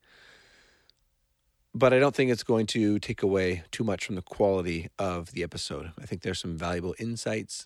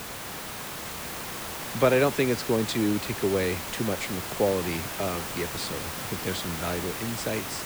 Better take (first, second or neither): first